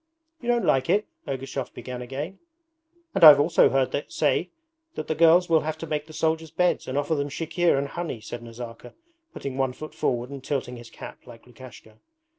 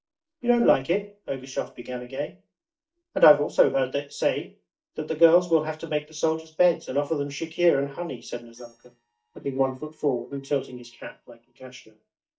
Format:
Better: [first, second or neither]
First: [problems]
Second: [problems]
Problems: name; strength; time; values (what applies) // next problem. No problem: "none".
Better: first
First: none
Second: noise reduction (neural mask model DeepFilterNet 3)